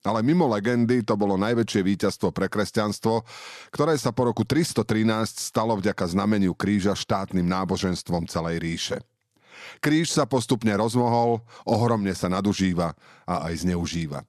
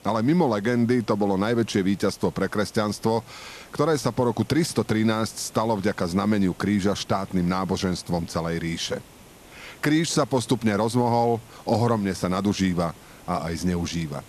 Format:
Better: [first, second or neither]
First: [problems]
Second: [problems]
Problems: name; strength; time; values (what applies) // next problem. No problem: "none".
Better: first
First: none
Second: hiss; faint; throughout; 25 dB below the speech